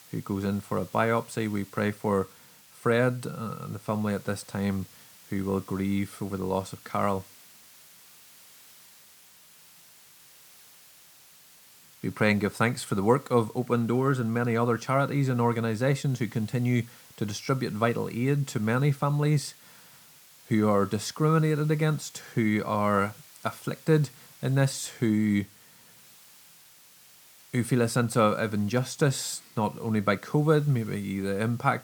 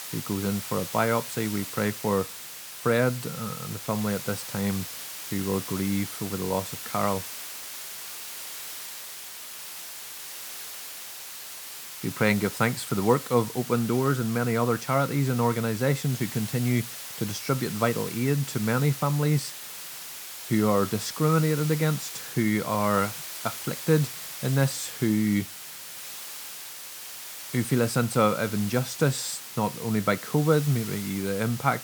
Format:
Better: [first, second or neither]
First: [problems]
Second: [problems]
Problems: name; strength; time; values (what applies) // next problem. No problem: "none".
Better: first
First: hiss; faint; throughout; 25 dB below the speech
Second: hiss; loud; throughout; 9 dB below the speech